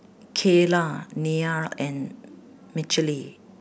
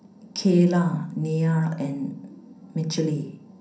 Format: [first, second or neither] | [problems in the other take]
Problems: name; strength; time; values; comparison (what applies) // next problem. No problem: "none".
first | room echo; dies away in 0.6 s